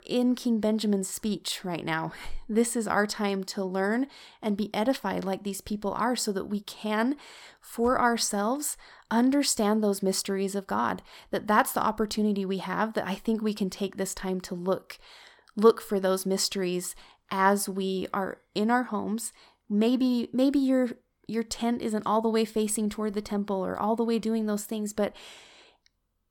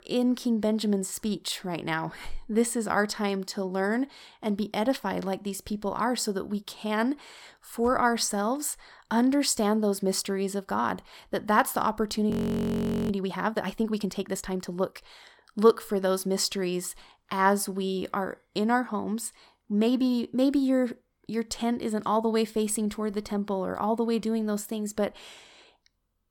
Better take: first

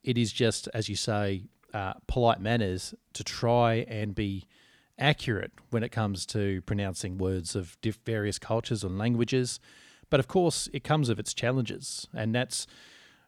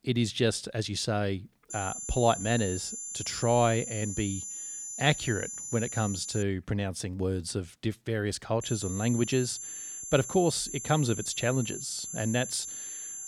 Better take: first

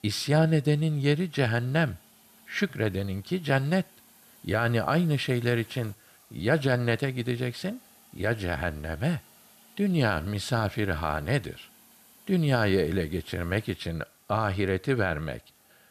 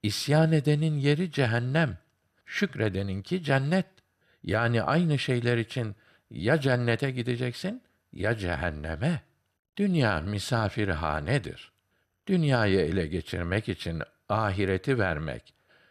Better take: second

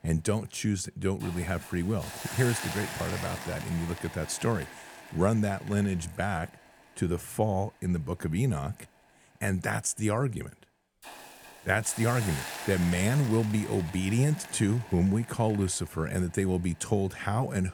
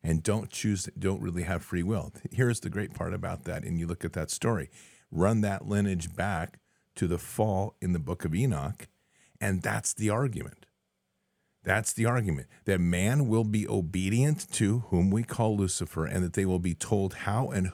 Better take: second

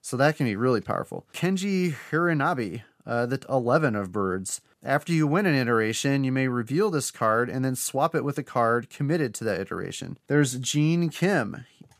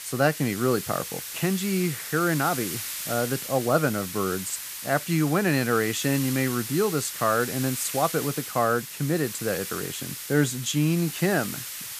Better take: first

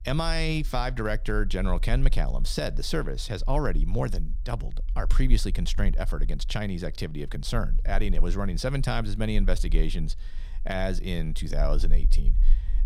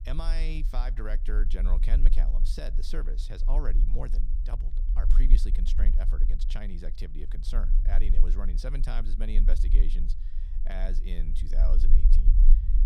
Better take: first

